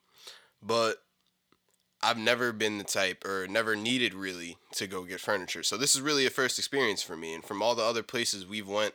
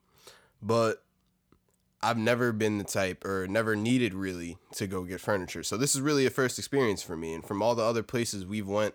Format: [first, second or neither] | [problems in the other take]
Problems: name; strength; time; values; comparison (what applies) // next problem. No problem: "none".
second | thin; very slightly; fading below 450 Hz